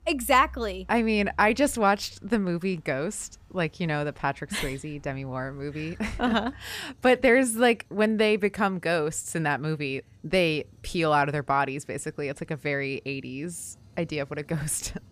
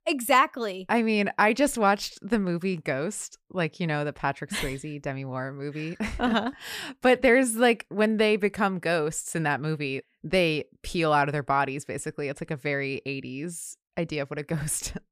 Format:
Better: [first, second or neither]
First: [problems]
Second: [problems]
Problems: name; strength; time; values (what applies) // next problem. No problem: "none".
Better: second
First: traffic noise; faint; throughout; 25 dB below the speech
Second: none